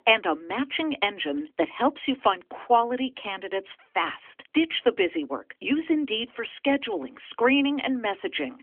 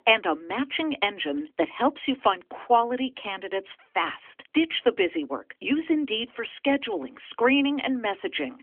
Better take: neither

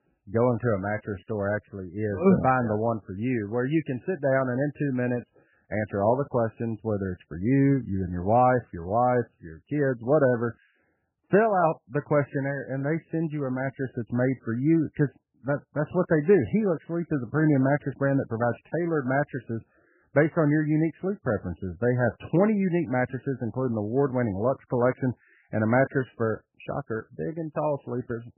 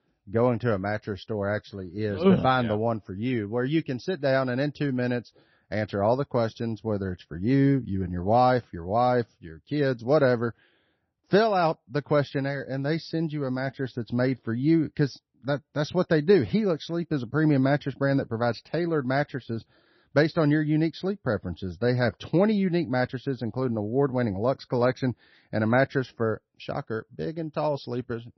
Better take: second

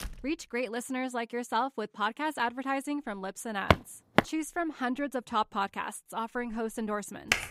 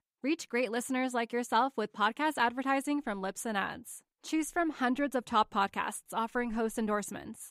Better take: second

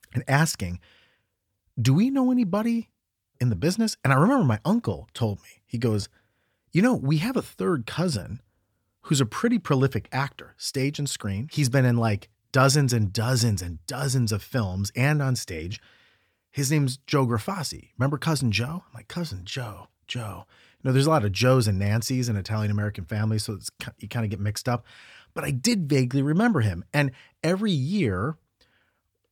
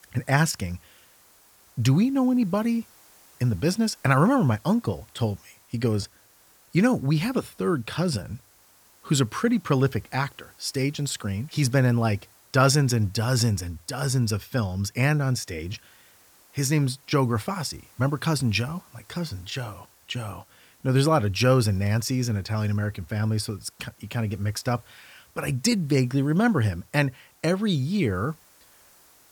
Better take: first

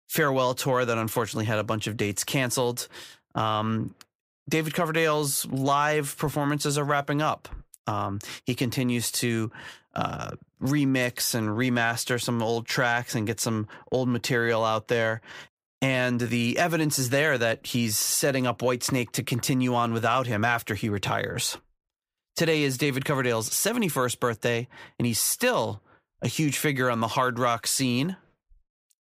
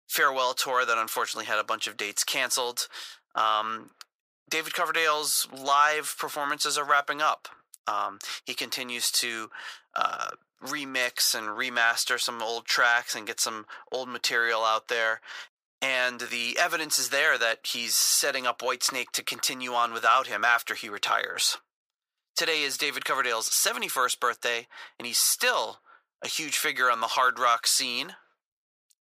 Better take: first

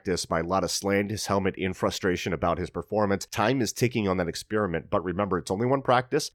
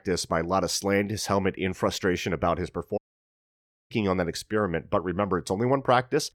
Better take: first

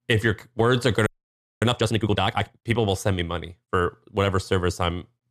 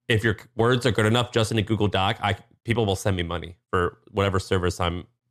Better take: second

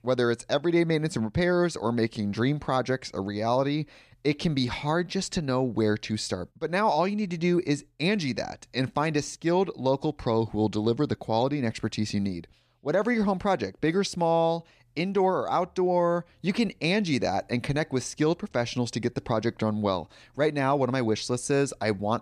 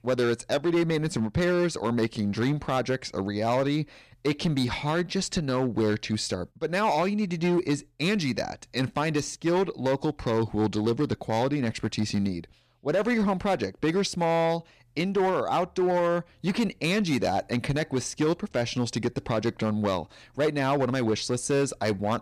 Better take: first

